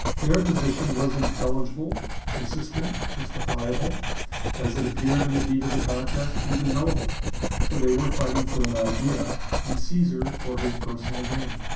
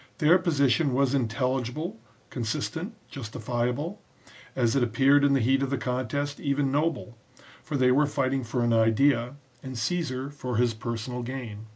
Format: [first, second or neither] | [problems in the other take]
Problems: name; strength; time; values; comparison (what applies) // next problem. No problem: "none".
second | background sound (Writing); 1 dB above the speech // room echo; dies away in 0.6 s